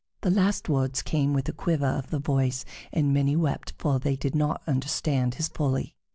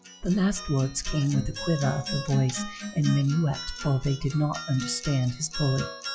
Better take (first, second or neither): first